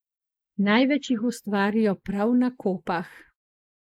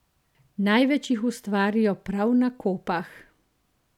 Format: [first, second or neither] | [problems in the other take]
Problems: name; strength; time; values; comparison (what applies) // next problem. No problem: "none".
second | noise reduction (neural mask model Resemble Enhance denoiser)